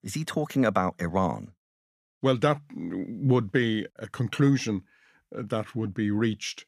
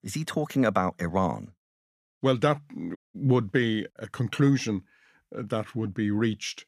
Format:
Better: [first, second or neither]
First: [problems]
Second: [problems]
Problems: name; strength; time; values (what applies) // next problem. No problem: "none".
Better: first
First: none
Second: audio cutting out; at 3 s